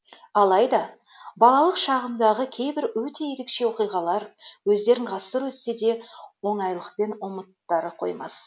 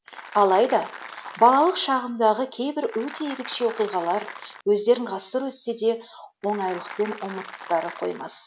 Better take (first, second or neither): first